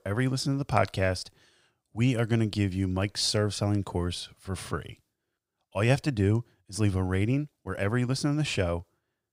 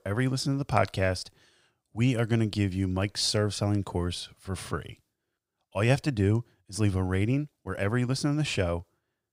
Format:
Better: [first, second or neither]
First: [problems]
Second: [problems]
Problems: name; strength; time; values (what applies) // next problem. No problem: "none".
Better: neither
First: none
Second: none